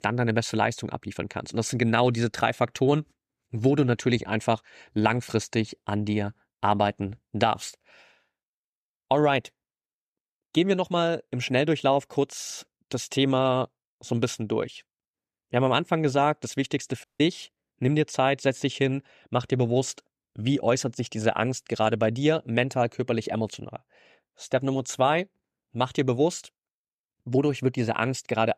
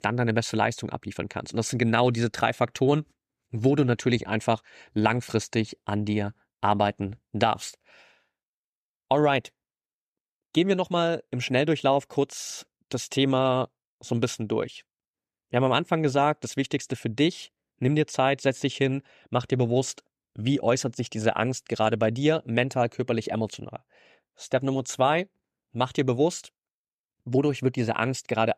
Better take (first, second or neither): second